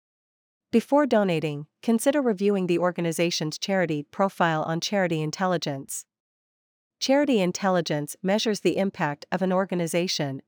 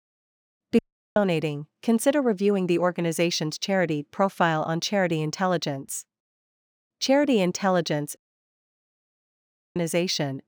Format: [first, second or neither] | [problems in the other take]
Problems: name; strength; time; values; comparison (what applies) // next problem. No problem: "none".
first | audio cutting out; at 1 s and at 8 s for 1.5 s